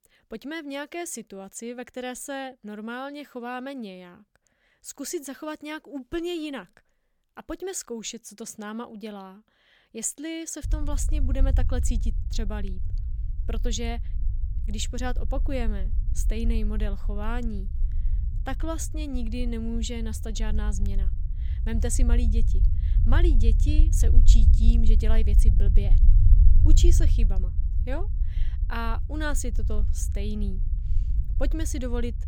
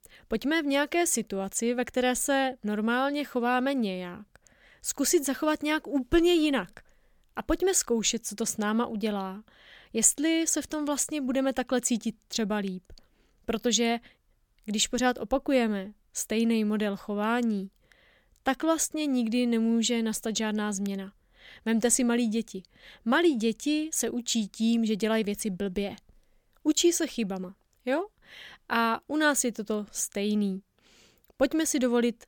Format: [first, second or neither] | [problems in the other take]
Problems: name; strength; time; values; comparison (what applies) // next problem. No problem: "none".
second | low rumble; noticeable; from 11 s on; 10 dB below the speech